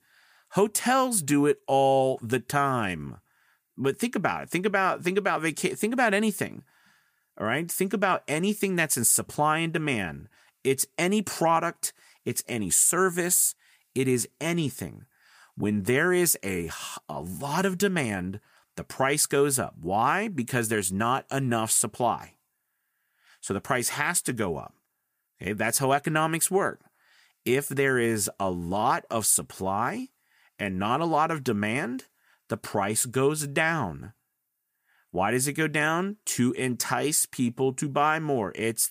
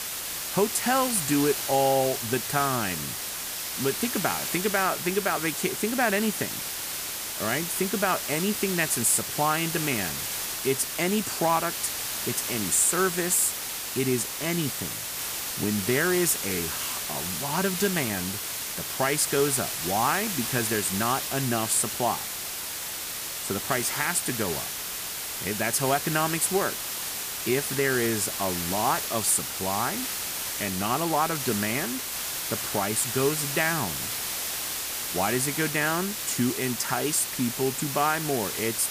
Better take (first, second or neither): first